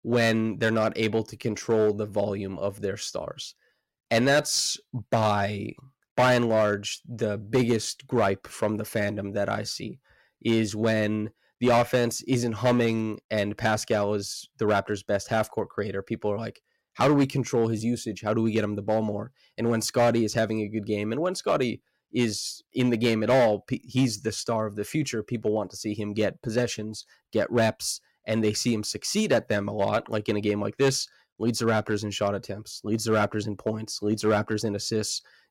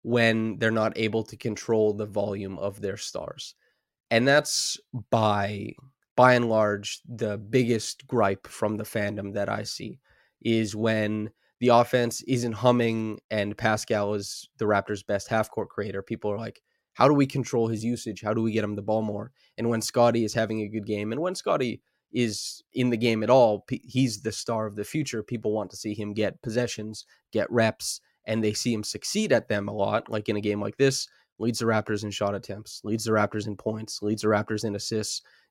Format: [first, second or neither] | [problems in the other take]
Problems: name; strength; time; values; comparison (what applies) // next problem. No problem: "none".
second | distortion; slight; 3% of the sound clipped